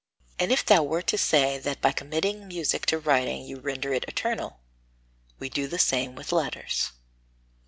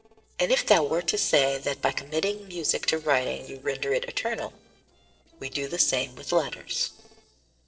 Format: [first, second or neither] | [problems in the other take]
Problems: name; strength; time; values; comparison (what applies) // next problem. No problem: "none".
first | noise reduction (neural separator model SepFormer DNS4)